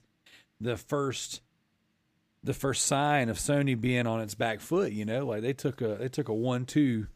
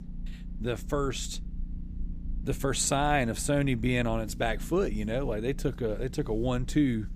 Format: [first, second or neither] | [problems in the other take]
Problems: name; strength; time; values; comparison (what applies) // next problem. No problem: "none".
first | low rumble; faint; throughout; 20 dB below the speech